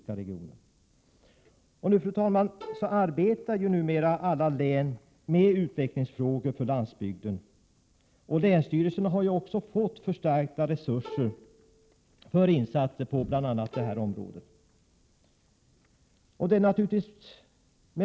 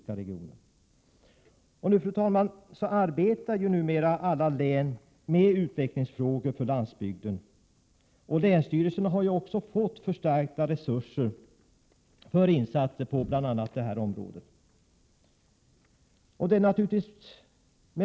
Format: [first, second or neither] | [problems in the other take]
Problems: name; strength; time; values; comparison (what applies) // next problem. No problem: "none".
second | background sound (Bowed string instrument); 16 dB below the speech